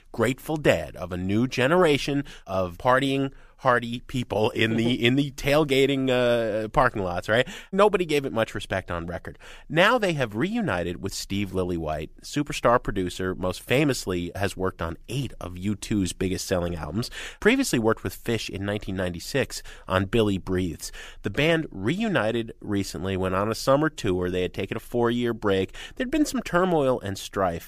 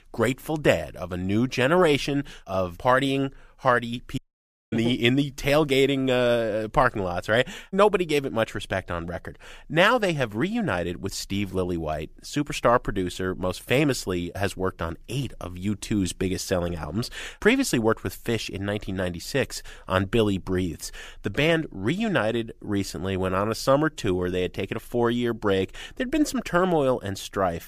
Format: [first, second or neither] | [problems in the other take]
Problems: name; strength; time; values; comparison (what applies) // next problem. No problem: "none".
first | audio cutting out; at 4 s for 0.5 s